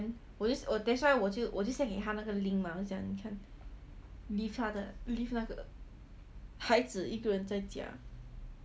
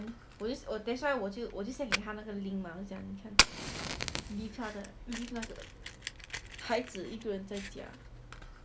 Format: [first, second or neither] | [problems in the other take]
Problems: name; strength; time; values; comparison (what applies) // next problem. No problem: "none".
first | background sound (Fire); as loud as the speech